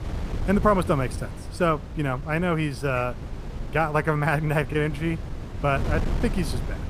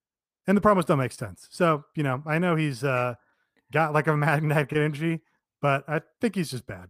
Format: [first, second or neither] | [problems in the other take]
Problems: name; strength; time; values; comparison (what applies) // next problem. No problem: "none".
second | wind noise on the microphone; occasional gusts; 15 dB below the speech